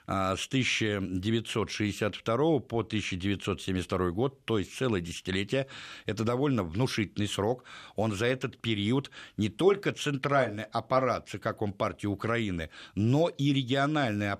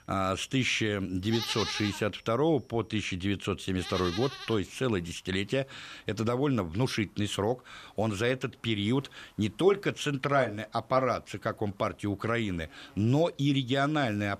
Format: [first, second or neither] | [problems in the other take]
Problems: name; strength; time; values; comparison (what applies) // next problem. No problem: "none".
first | animal sounds; loud; throughout; 7 dB below the speech